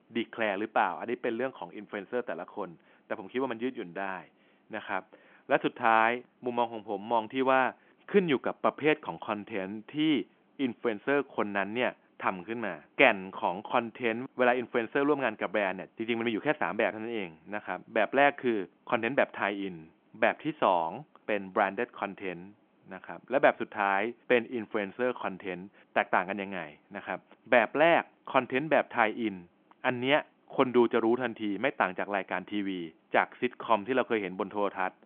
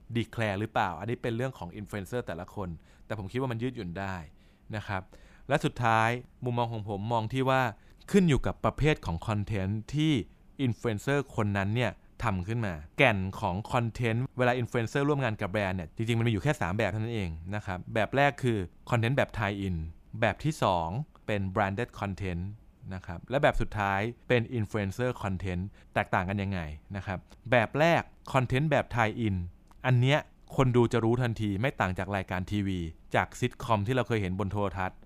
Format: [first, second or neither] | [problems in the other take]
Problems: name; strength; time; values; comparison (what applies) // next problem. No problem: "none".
second | phone-call audio; nothing above 3.5 kHz